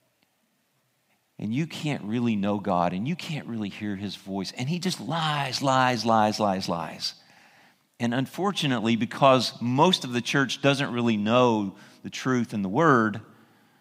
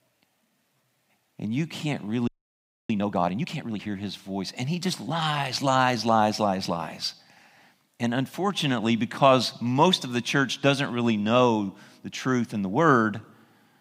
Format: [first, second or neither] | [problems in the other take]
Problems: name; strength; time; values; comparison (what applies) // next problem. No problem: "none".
first | audio freezing; at 2.5 s for 0.5 s